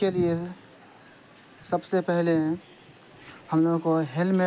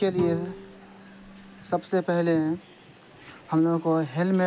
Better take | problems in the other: first | background sound (Bowed string instrument); 16 dB below the speech

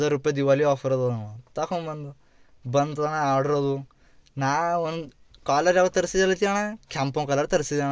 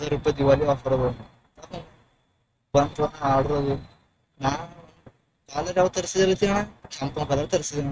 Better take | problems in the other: first | noise reduction (neural mask model RNNoise)

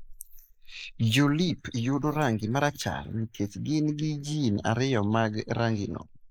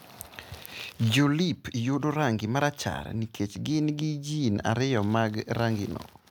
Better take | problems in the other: second | noise reduction (neural mask model Resemble Enhance denoiser)

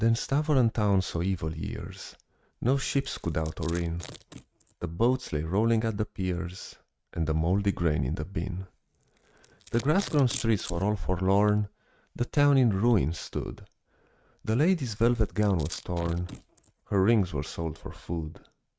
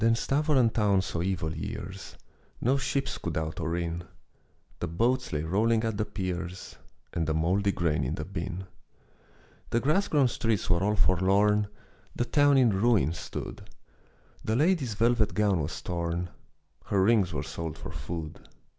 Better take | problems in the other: second | noise reduction (neural mask model RNNoise)

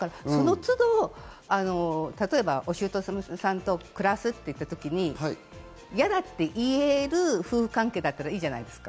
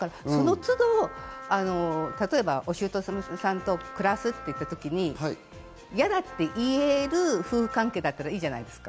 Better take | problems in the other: first | background sound (Wind instrument, woodwind instrument); 15 dB below the speech

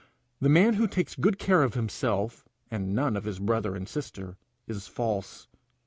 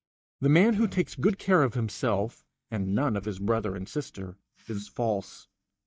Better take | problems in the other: first | noise reduction (neural mask model DeepFilterNet 3)

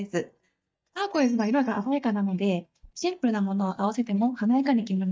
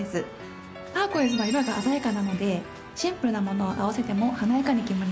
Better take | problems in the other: second | noise reduction (neural mask model DeepFilterNet 3)

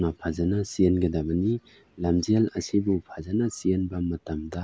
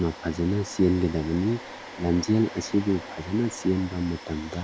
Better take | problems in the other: first | background sound (Domestic sounds, home sounds); 15 dB below the speech

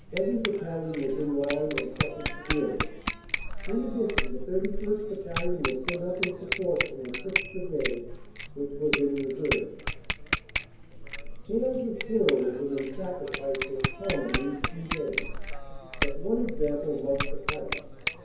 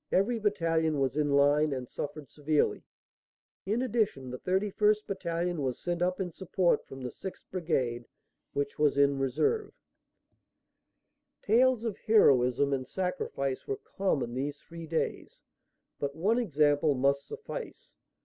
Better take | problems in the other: second | background sound (Bicycle bell); 2 dB below the speech // room echo; dies away in 0.9 s

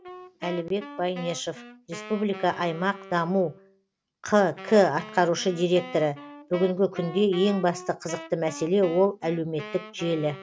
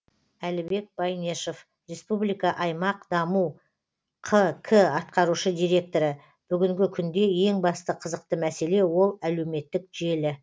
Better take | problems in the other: second | background sound (Wind instrument, woodwind instrument); 16 dB below the speech

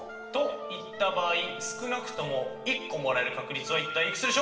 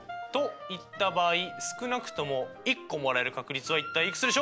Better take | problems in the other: second | background sound (Brass instrument); 14 dB below the speech // room echo; dies away in 1 s

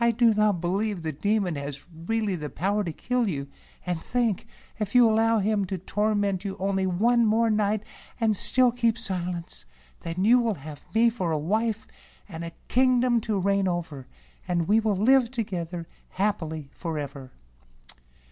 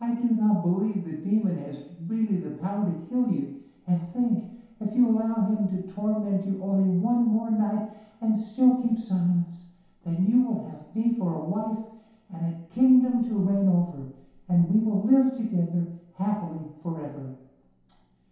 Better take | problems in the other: first | room echo; dies away in 0.8 s

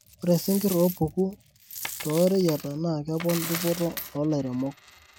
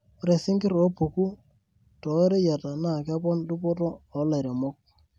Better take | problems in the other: second | background sound (Coin (dropping)); 12 dB below the speech

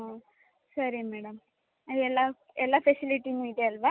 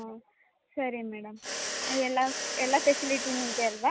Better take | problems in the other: first | background sound (Mechanisms); 6 dB below the speech

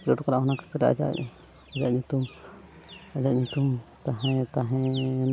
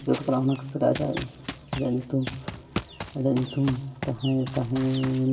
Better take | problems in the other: first | background sound (Run); 12 dB below the speech // room echo; dies away in 2 s

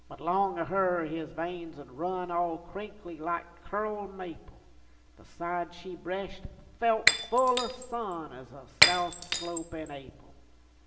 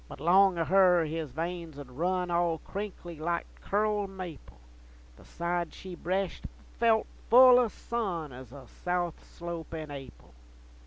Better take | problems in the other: second | background sound (Shatter); 2 dB above the speech // room echo; dies away in 0.9 s

